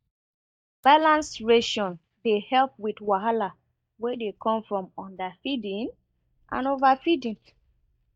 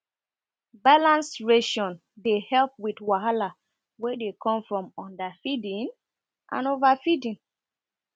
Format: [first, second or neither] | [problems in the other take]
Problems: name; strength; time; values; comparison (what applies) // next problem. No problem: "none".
second | noise reduction (neural mask model DeepFilterNet 3)